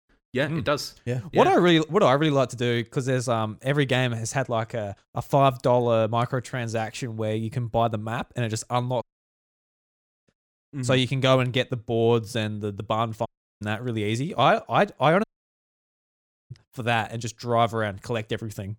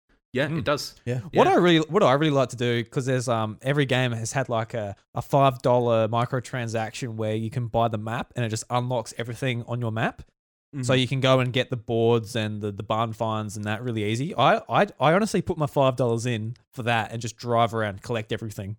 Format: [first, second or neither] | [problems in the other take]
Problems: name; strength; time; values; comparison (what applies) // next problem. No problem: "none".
second | audio cutting out; at 9 s for 1.5 s, at 13 s and at 15 s for 1.5 s